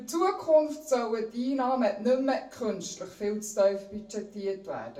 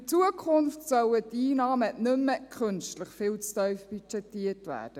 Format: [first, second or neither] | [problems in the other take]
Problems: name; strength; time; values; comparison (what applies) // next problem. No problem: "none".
second | room echo; dies away in 0.3 s